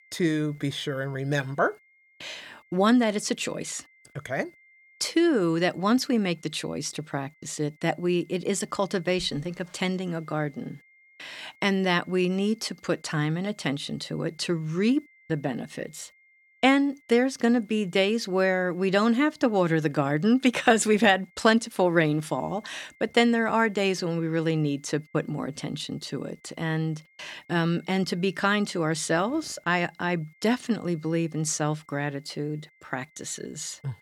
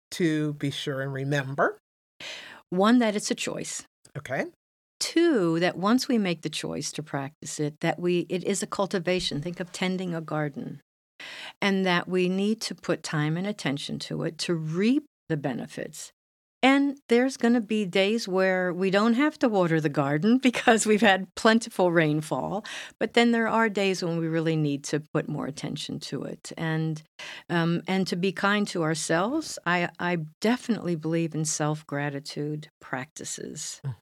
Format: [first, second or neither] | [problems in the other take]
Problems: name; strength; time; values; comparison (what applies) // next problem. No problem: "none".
second | high-pitched whine; faint; throughout; 2 kHz, 30 dB below the speech